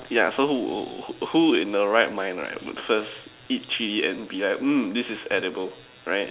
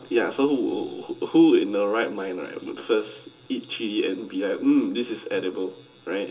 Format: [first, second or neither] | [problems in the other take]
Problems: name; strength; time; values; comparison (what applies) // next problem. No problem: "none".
first | room echo; dies away in 0.2 s